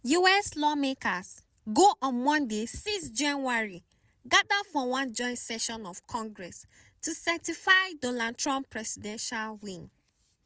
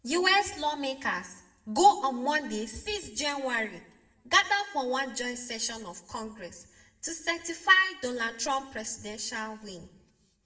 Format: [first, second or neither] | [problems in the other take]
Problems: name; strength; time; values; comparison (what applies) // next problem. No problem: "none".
first | room echo; dies away in 0.6 s